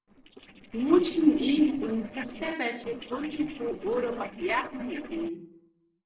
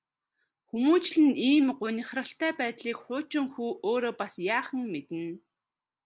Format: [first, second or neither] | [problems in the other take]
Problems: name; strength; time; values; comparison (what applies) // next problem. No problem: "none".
second | noise reduction (neural separator model SepFormer DNS4)